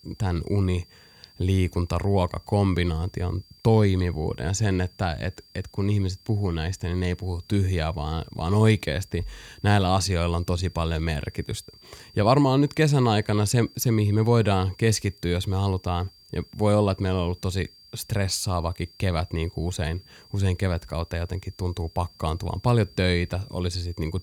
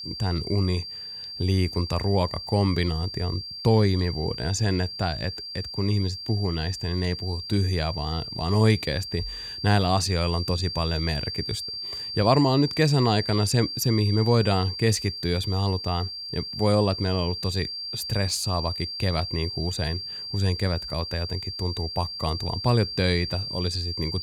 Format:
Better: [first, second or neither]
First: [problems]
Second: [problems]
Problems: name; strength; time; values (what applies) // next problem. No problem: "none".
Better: first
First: high-pitched whine; faint; throughout; 4.5 kHz, 25 dB below the speech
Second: high-pitched whine; loud; throughout; 4.5 kHz, 6 dB below the speech